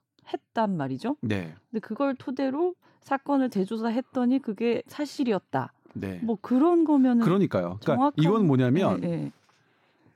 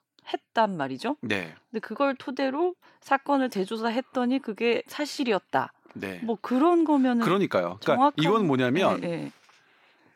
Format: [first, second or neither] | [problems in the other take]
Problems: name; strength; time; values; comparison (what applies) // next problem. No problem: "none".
first | thin; very slightly; fading below 550 Hz